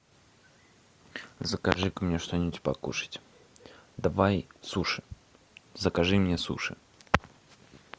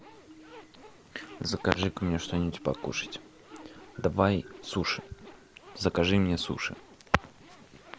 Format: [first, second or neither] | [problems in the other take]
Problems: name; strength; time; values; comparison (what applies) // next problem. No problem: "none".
first | background sound (Marimba, xylophone + Zipper (clothing)); 19 dB below the speech